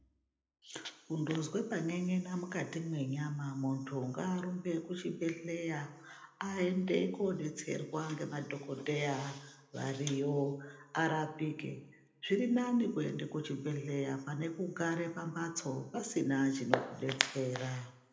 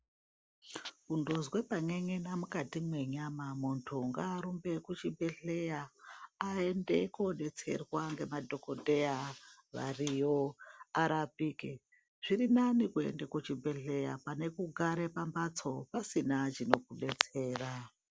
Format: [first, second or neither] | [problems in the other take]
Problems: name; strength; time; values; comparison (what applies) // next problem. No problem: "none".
second | room echo; dies away in 0.7 s